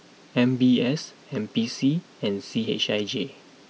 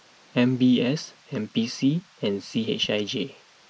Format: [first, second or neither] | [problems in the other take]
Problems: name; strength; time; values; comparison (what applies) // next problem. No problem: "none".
first | noise reduction (neural mask model Resemble Enhance denoiser)